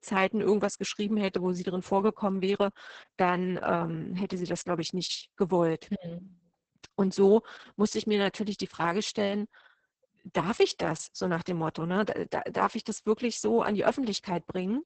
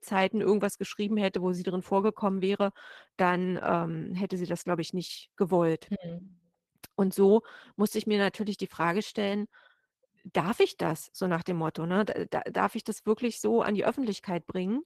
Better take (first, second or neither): second